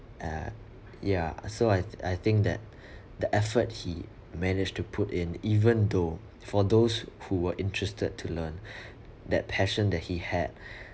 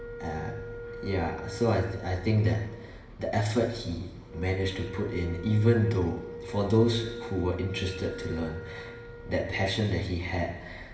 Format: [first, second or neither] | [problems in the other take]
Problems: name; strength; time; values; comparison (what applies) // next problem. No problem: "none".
first | background sound (Wind instrument, woodwind instrument); 14 dB below the speech // room echo; dies away in 1 s